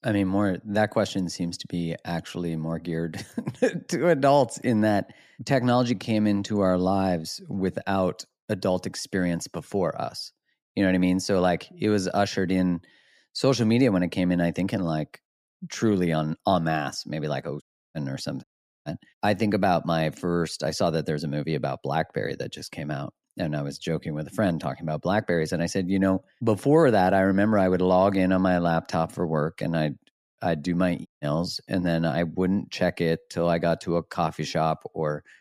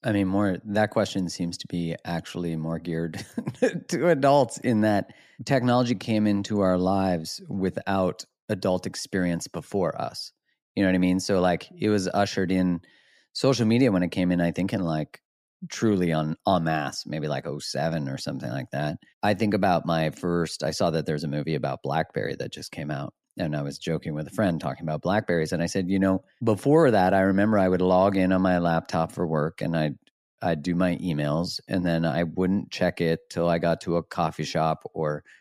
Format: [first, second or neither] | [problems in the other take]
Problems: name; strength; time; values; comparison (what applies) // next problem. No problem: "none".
second | audio cutting out; at 18 s and at 31 s